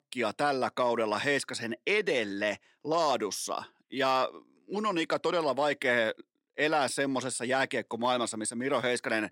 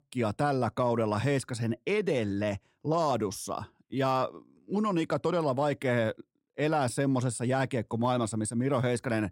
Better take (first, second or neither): second